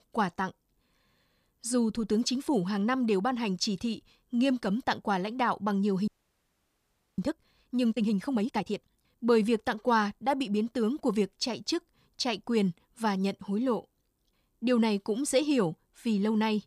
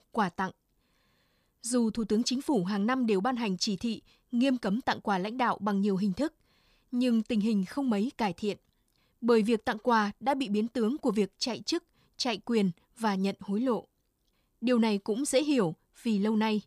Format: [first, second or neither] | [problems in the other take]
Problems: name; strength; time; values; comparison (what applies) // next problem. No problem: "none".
second | audio freezing; at 6 s for 1 s